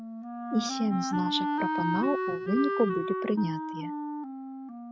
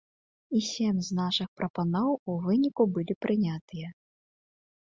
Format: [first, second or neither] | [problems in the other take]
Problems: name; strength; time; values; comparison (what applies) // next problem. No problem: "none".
second | noise reduction (neural mask model RNNoise)